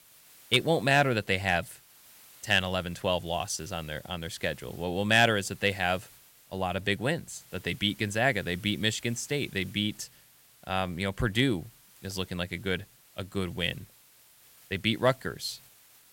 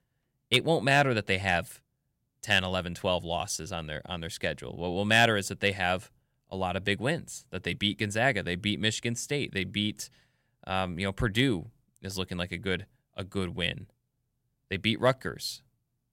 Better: second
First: hiss; faint; throughout; 25 dB below the speech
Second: none

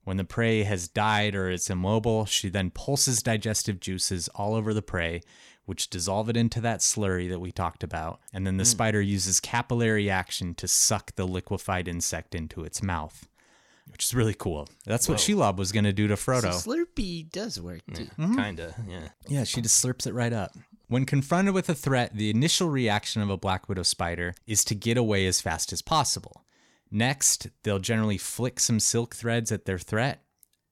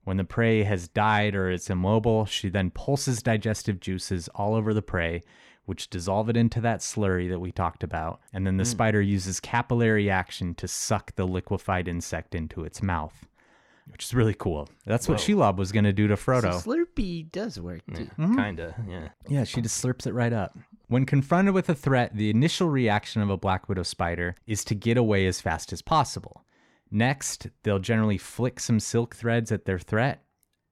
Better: first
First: none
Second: muffled; slightly; fading above 3.5 kHz

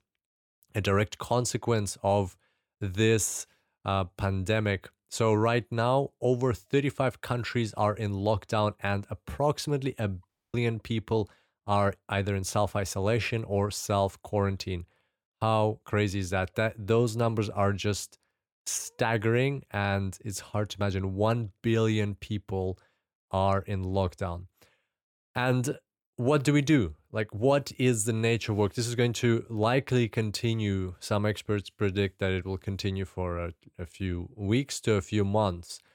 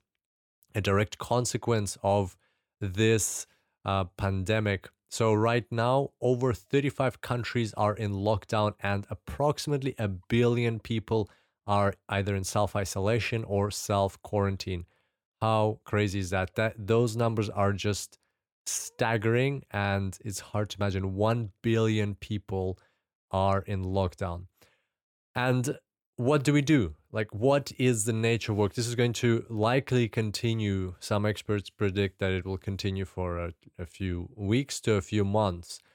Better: second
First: audio cutting out; at 10 s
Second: none

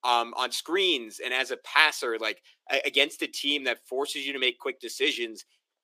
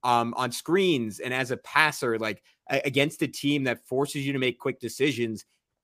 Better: second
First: thin; somewhat; fading below 350 Hz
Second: none

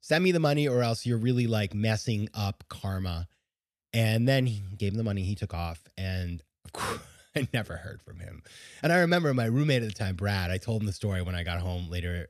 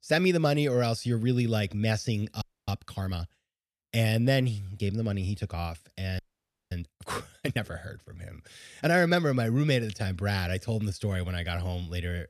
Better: first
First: none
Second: audio freezing; at 2.5 s and at 6 s for 0.5 s

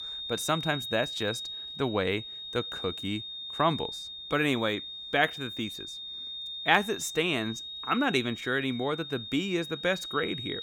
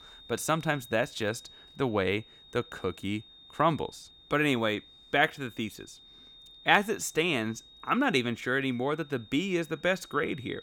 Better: second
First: high-pitched whine; loud; throughout; 3.5 kHz, 7 dB below the speech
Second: high-pitched whine; faint; throughout; 3.5 kHz, 20 dB below the speech

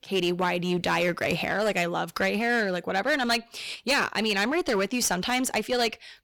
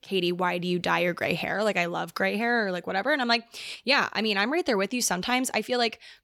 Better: second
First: distortion; slight; 10% of the sound clipped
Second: none

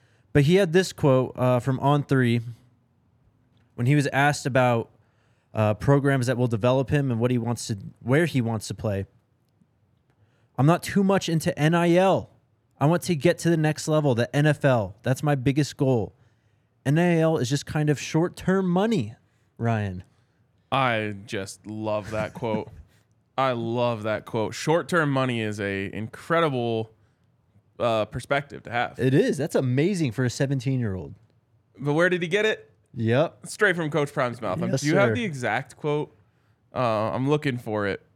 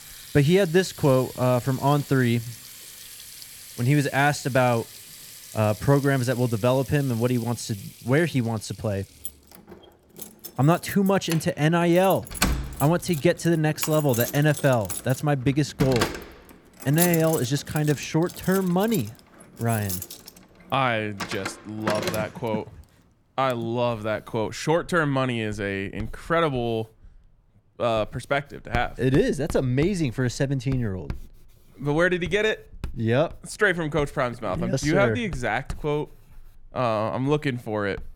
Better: first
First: none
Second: household noises; noticeable; throughout; 10 dB below the speech

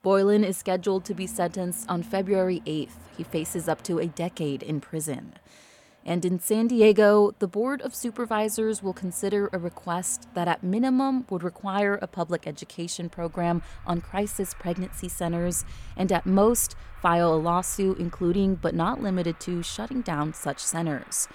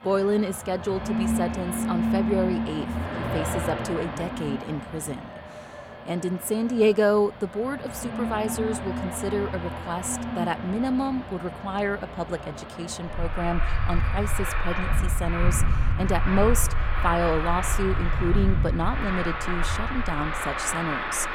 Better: first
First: traffic noise; faint; throughout; 20 dB below the speech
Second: traffic noise; loud; throughout; 1 dB below the speech

